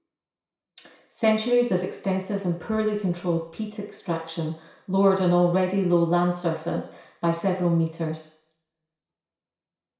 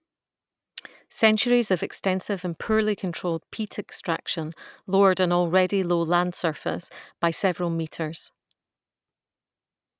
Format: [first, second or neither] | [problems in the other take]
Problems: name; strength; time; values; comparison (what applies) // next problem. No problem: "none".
second | room echo; dies away in 0.6 s